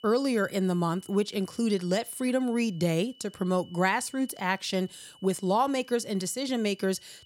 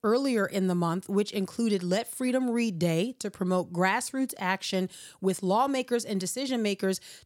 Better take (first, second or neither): second